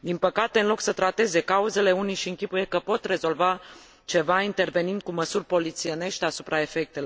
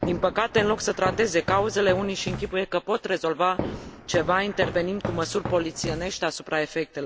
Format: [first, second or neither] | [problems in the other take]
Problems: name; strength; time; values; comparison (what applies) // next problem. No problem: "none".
first | background sound (Walk, footsteps); 9 dB below the speech